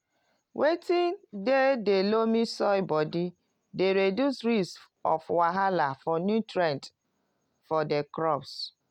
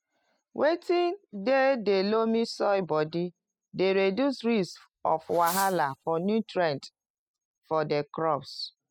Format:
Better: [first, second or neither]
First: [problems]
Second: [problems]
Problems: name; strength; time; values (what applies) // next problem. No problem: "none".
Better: first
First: none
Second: noise reduction (classical method spectral subtraction)